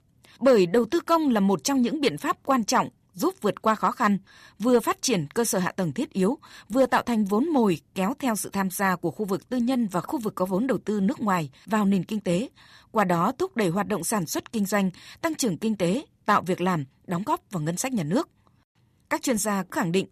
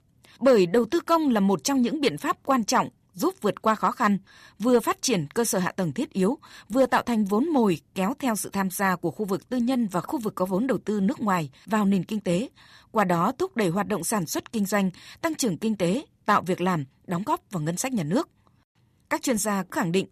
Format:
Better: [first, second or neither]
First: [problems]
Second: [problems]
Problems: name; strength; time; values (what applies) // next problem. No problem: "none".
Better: neither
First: none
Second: none